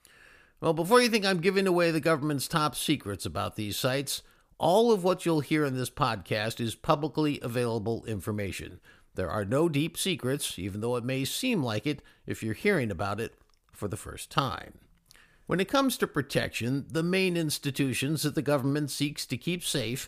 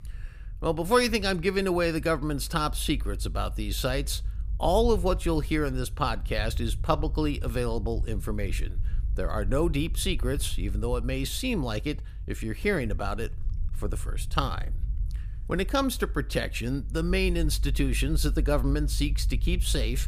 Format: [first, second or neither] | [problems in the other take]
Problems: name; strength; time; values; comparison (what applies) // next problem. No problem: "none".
first | low rumble; faint; throughout; 25 dB below the speech